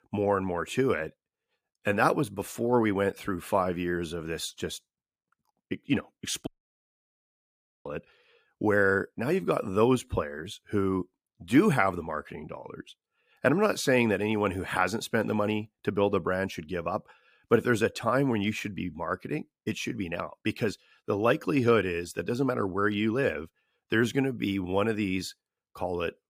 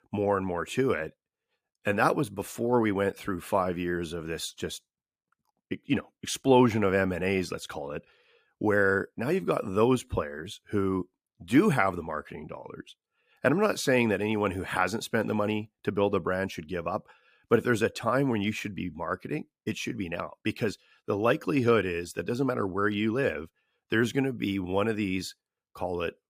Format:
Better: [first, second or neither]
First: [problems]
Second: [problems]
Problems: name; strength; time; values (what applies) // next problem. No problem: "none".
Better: second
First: audio cutting out; at 6.5 s for 1.5 s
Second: none